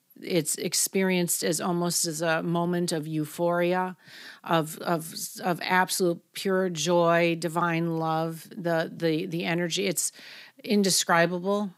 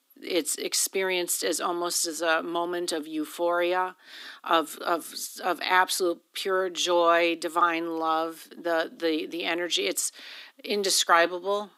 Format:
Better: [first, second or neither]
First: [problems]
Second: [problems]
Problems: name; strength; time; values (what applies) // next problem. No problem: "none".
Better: first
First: none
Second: thin; very; fading below 250 Hz